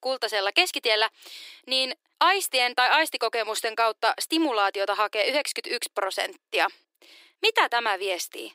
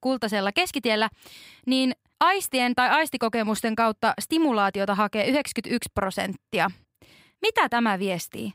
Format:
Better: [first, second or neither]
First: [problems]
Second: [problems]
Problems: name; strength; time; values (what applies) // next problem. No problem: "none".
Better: second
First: thin; very; fading below 350 Hz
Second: none